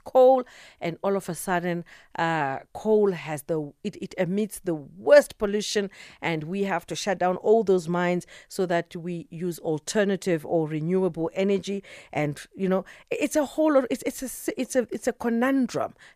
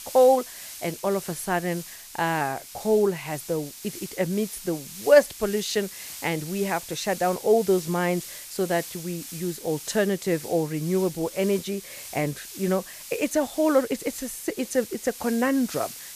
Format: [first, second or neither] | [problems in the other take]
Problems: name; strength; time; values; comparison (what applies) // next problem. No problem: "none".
first | hiss; noticeable; throughout; 10 dB below the speech